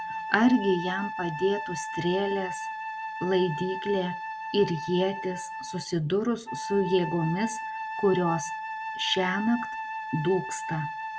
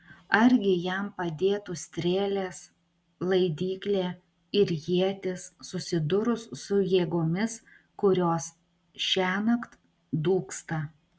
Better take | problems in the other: second | background sound (Wind instrument, woodwind instrument); 7 dB below the speech

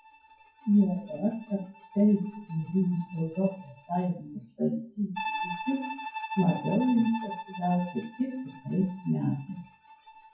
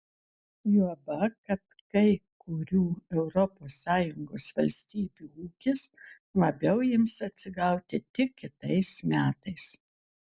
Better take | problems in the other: second | noise reduction (classical method WPE with log-MMSE)

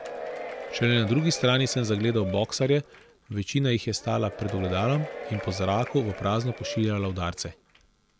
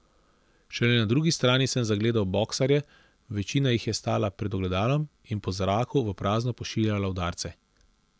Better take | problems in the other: second | background sound (Applause / Crowd / Cheering); 12 dB below the speech

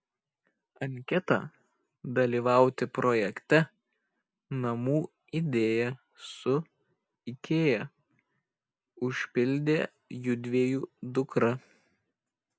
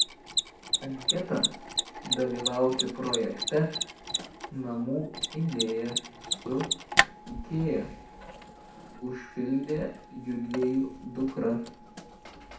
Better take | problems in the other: first | background sound (Mechanisms); 2 dB below the speech // room echo; dies away in 0.6 s

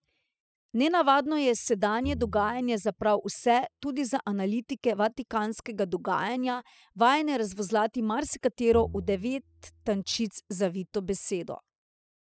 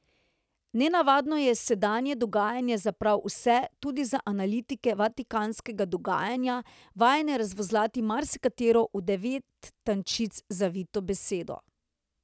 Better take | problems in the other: second | noise reduction (classical method spectral subtraction)

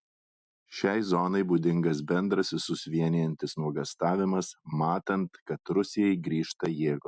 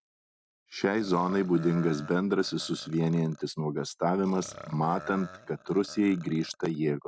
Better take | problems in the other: first | background sound (Burping, eructation); 19 dB below the speech

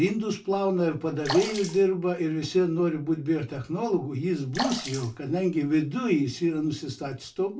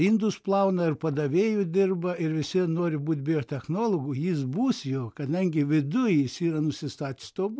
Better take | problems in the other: second | background sound (Sink (filling or washing) / Water / Splash, splatter); 7 dB below the speech // room echo; dies away in 0.2 s

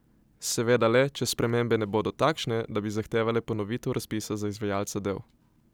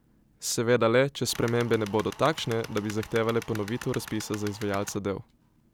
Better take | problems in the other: first | background sound (Tools); 15 dB below the speech

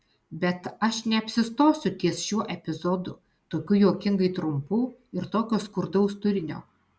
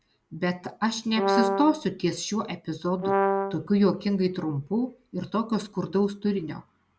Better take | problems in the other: first | background sound (Brass instrument); 1 dB above the speech

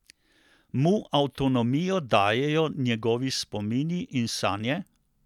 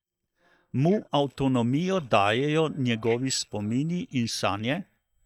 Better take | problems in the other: first | noise reduction (neural mask model DeepFilterNet 3)

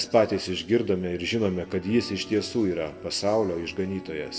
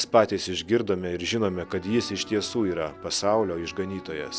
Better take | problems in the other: second | room echo; dies away in 0.9 s

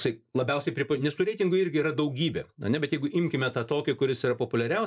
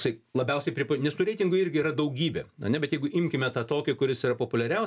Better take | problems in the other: second | noise reduction (neural mask model Resemble Enhance denoiser)

